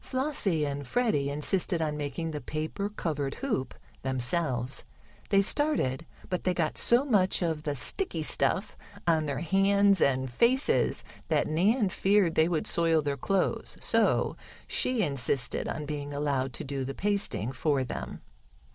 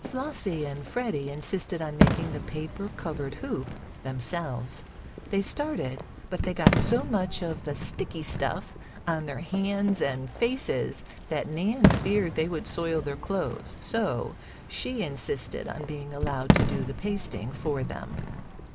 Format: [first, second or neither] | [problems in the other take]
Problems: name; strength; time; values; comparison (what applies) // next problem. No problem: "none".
first | background sound (Fireworks); as loud as the speech